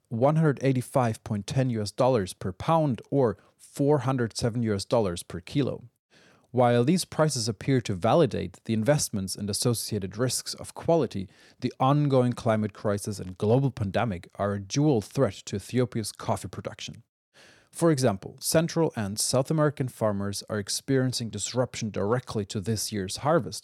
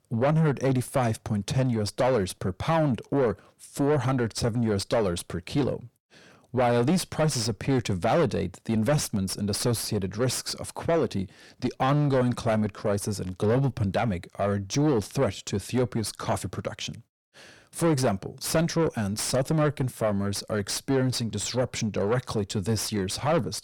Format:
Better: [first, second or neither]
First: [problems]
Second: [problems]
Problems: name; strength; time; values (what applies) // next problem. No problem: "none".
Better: first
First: none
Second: distortion; heavy; 7 dB below the speech